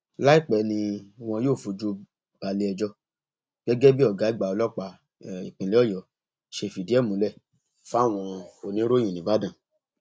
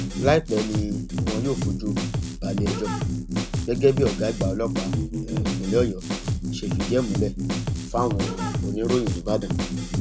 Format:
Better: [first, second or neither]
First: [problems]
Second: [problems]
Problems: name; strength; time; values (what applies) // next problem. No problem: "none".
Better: first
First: none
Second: background sound (Drum kit); 1 dB above the speech